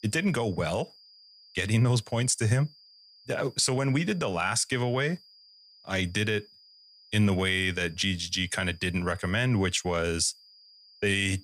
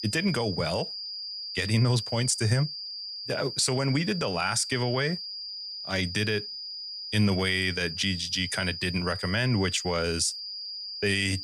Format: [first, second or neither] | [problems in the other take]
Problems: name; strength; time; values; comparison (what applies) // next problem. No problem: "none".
first | high-pitched whine; loud; throughout; 4.5 kHz, 7 dB below the speech; faint in the first